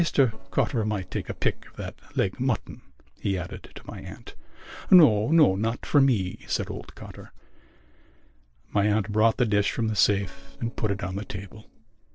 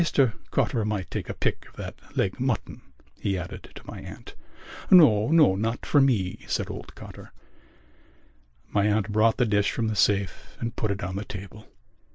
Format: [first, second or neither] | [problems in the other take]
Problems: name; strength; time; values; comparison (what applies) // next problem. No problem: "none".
second | noise reduction (neural separator model SepFormer DNS4)